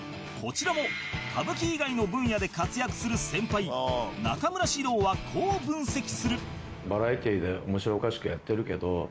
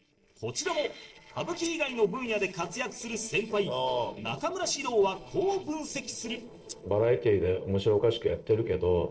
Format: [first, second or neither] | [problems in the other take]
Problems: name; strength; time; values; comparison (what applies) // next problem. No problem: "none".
first | noise reduction (neural separator model SepFormer DNS4)